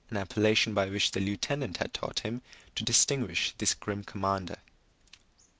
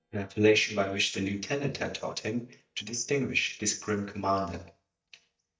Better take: first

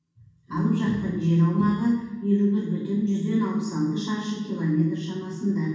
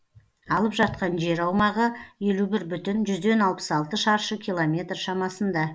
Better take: second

